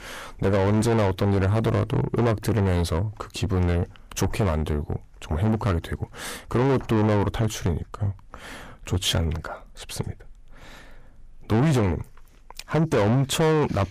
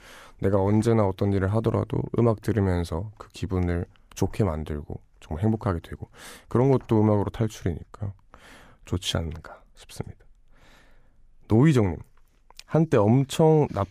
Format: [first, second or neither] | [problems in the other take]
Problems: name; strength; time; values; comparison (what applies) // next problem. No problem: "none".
second | distortion; heavy; 5 dB below the speech